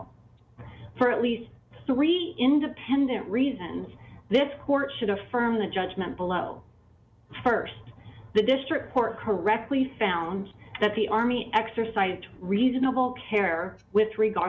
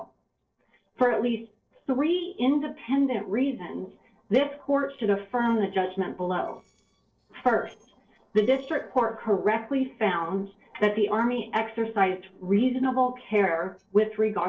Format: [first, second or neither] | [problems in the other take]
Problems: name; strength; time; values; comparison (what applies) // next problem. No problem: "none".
first | noise reduction (neural separator model SepFormer DNS4)